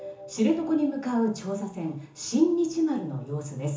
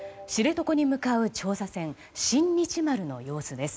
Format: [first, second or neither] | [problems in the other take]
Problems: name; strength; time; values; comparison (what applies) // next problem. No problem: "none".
second | room echo; dies away in 0.7 s